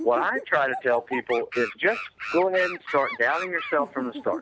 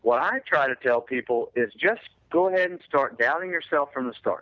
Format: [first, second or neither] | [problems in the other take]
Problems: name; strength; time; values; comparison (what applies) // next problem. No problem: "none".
second | background sound (Animal); 10 dB below the speech